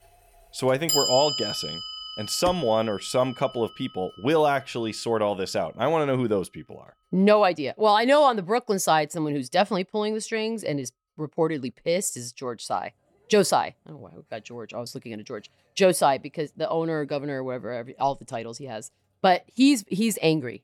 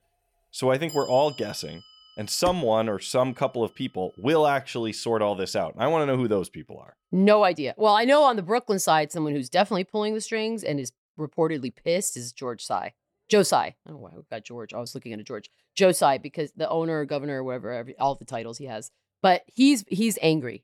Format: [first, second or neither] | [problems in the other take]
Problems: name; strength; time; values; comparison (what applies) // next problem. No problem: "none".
second | household noises; loud; throughout; 5 dB below the speech; faint in the second